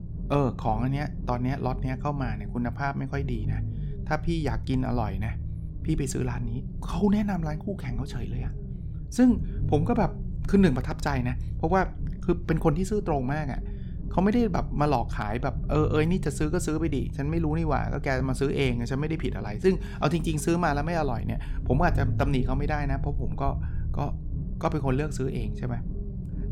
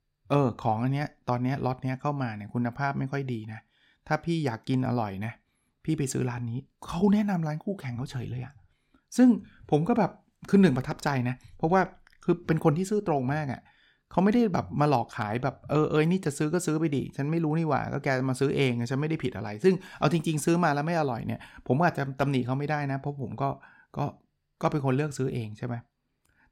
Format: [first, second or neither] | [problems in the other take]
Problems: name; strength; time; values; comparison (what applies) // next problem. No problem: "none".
second | low rumble; noticeable; throughout; 15 dB below the speech